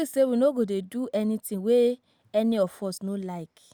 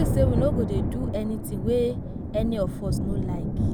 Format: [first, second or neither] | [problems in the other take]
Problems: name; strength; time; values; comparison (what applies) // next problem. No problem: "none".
first | background sound (Thunder); 3 dB above the speech